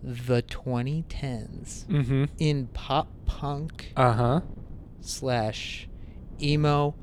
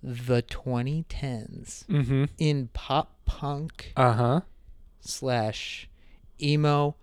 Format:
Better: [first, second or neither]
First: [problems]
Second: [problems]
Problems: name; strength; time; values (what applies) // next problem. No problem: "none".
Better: second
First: wind noise on the microphone; occasional gusts; 25 dB below the speech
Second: none